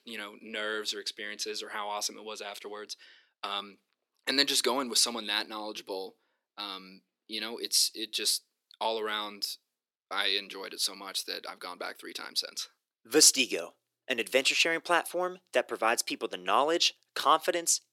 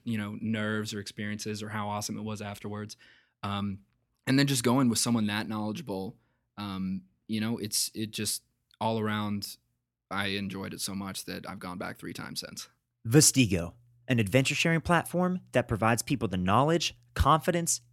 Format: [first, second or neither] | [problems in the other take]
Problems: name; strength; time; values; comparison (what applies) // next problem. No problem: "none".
second | thin; very; fading below 350 Hz